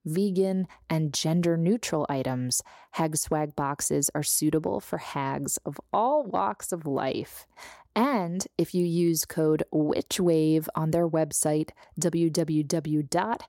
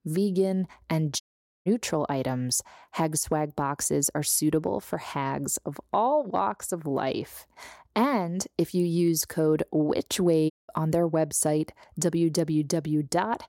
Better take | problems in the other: first | audio cutting out; at 1 s and at 11 s

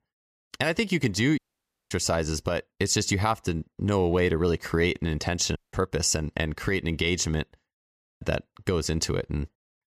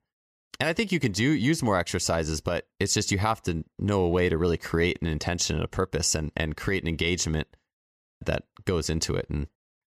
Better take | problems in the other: second | audio cutting out; at 1.5 s for 0.5 s and at 5.5 s

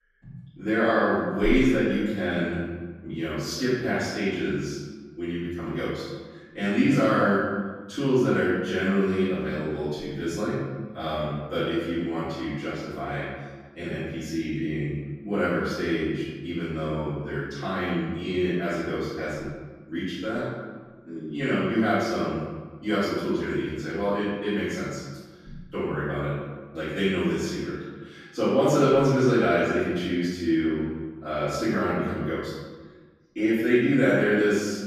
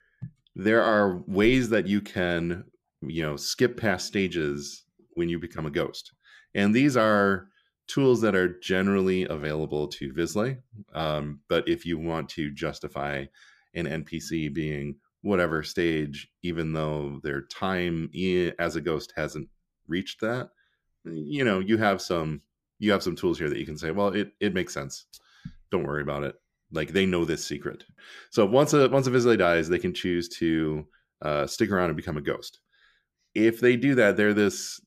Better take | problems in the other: second | off-mic speech; far // room echo; strong; dies away in 1.2 s

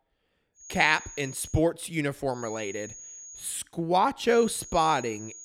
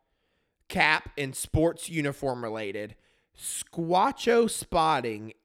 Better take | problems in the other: second | high-pitched whine; noticeable; at 0.5 s, from 2.5 to 3.5 s and from 4.5 s on; 6.5 kHz, 15 dB below the speech

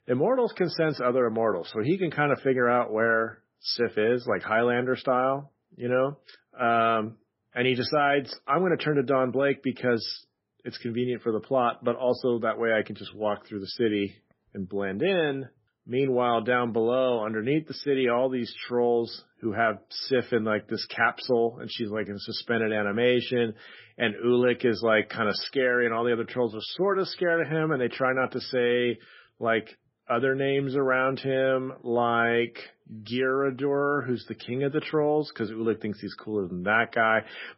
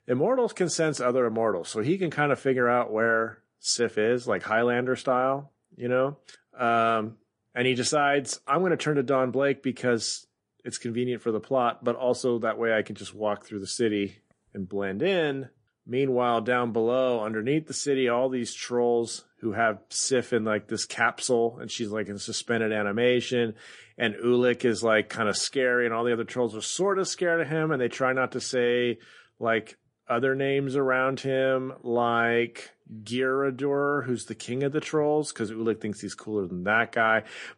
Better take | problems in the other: second | garbled, watery; badly; nothing above 5.5 kHz; slightly in the second

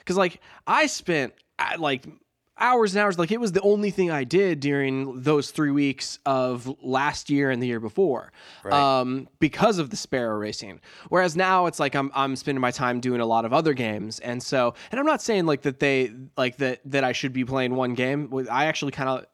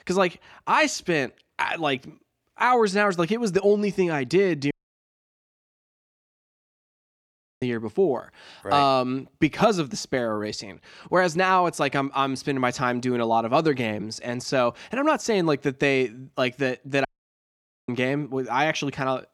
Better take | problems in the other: first | audio cutting out; at 4.5 s for 3 s and at 17 s for 1 s

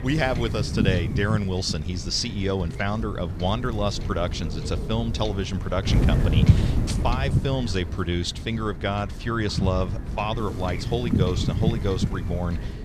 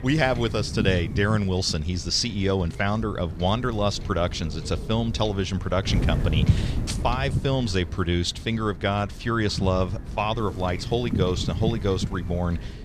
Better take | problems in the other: second | wind noise on the microphone; heavy; 8 dB below the speech; occasional gusts in the second

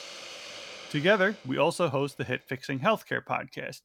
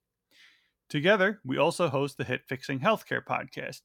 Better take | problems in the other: second | hiss; noticeable; throughout; 15 dB below the speech

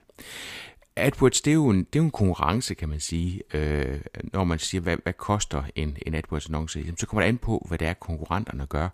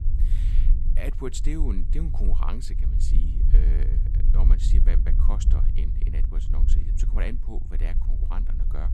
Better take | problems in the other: first | low rumble; loud; throughout; 5 dB below the speech

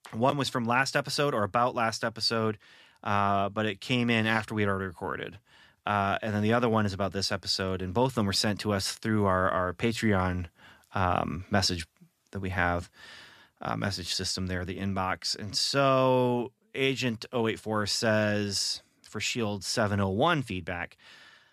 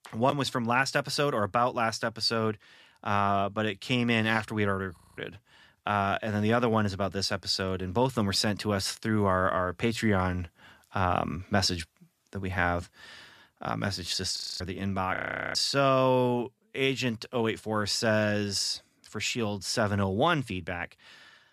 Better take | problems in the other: first | audio freezing; at 5 s, at 14 s and at 15 s

